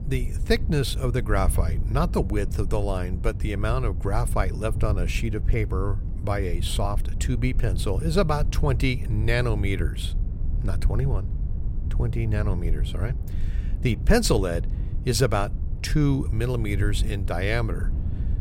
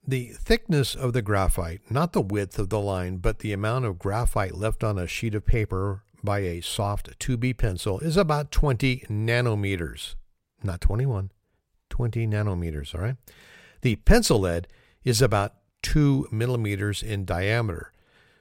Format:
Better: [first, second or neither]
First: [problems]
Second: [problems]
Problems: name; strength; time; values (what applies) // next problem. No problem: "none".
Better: second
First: low rumble; noticeable; throughout; 15 dB below the speech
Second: none